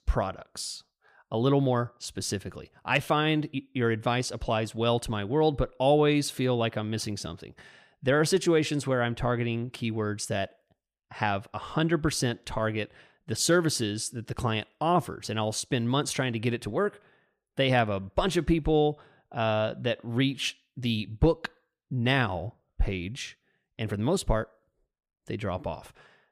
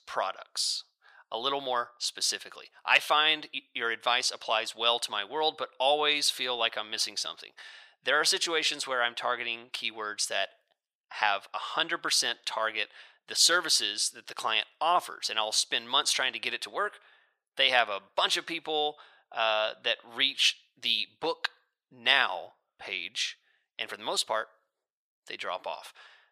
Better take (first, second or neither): first